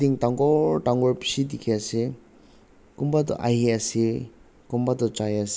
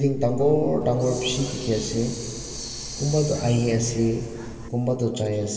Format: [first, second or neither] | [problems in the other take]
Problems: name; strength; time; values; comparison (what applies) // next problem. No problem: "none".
first | background sound (Hiss); 12 dB below the speech // room echo; dies away in 2.5 s